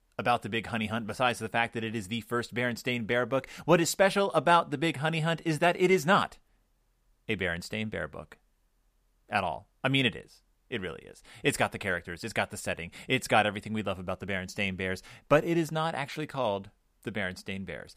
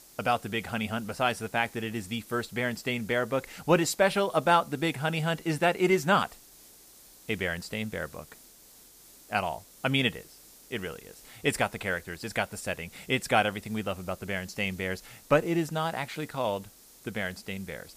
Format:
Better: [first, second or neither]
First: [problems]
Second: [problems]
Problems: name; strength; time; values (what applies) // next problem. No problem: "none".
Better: first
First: none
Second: hiss; faint; throughout; 20 dB below the speech